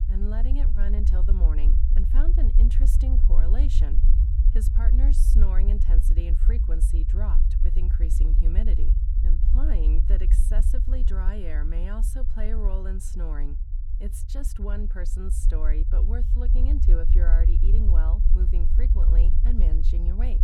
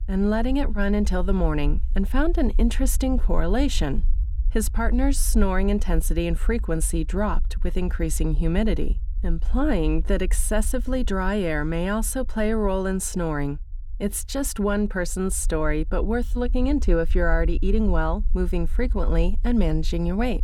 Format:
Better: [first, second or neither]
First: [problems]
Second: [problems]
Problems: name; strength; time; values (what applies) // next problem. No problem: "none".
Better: second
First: low rumble; loud; throughout; 3 dB below the speech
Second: low rumble; faint; throughout; 25 dB below the speech